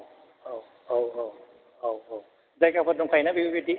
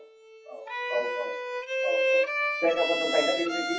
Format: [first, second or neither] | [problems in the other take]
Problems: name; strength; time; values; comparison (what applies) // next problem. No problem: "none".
first | noise reduction (classical method WPE with log-MMSE)